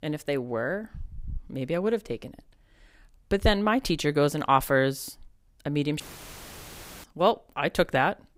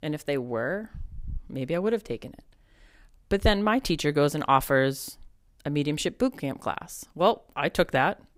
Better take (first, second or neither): second